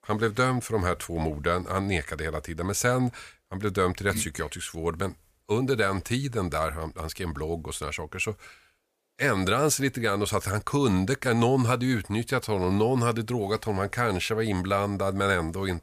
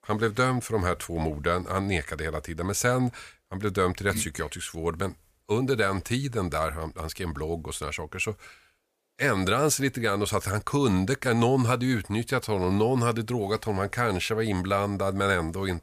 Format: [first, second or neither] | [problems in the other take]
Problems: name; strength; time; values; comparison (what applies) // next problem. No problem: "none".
neither | none